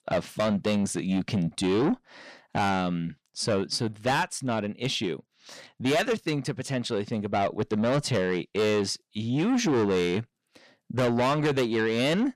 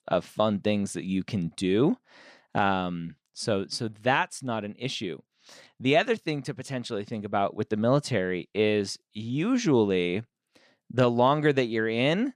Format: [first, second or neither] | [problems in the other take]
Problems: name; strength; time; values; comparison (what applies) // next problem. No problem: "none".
second | distortion; heavy; 7 dB below the speech